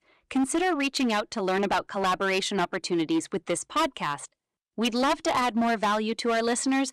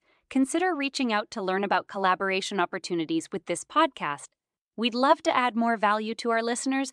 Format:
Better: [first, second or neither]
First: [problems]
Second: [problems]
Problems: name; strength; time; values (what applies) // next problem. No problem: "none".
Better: second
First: distortion; heavy; 13% of the sound clipped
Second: none